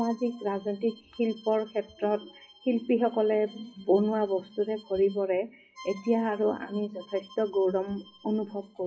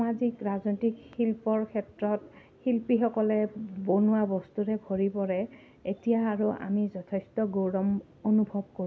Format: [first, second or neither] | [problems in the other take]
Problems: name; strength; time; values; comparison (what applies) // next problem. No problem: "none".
second | noise reduction (classical method WPE with log-MMSE)